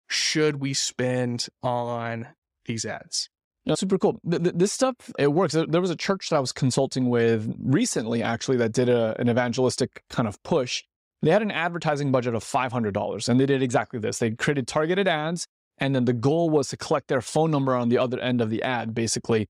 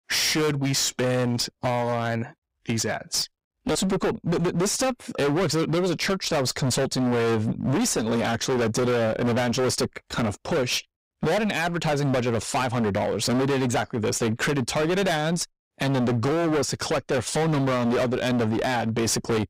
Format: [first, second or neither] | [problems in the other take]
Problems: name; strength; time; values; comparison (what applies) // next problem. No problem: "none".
first | distortion; heavy; 31% of the sound clipped